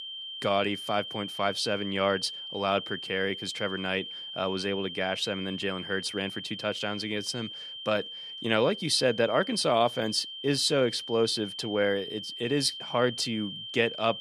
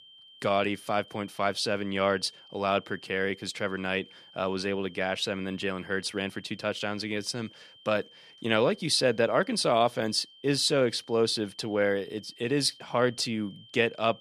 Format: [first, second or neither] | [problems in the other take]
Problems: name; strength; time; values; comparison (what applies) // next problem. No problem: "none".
second | high-pitched whine; loud; throughout; 3 kHz, 8 dB below the speech; faint in the second